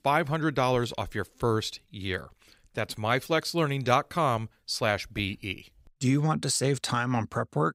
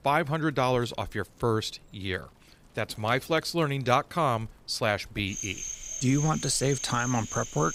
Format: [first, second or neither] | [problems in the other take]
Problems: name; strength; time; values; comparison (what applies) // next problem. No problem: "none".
first | animal sounds; loud; throughout; 7 dB below the speech